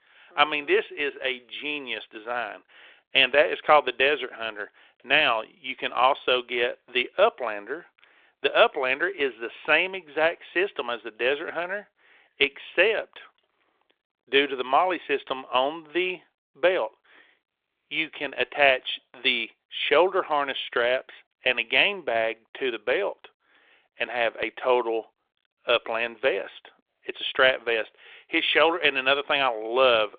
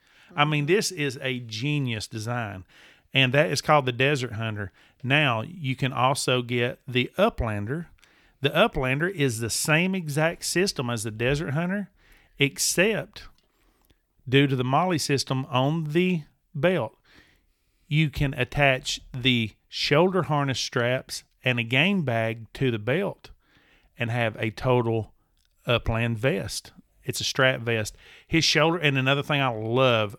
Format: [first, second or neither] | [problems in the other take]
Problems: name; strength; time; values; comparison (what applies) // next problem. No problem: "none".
second | phone-call audio; nothing above 3.5 kHz